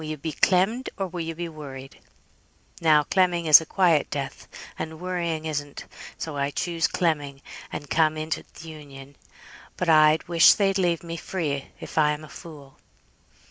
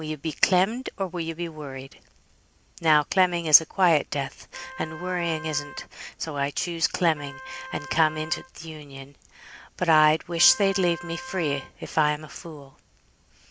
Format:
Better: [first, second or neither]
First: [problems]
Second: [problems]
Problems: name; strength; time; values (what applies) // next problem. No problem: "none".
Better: first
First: none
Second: background sound (Wind instrument, woodwind instrument); 16 dB below the speech